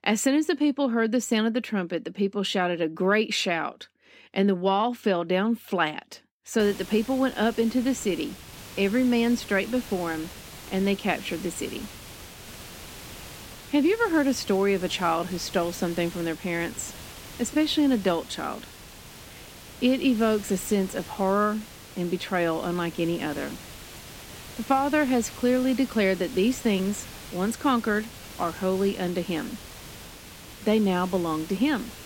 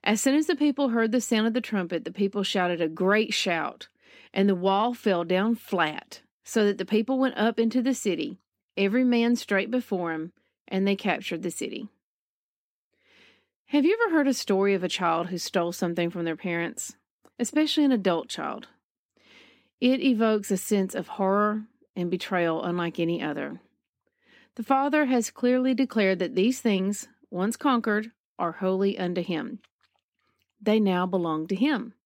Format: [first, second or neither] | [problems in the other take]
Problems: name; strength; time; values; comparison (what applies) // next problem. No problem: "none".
second | hiss; noticeable; from 6.5 s on; 15 dB below the speech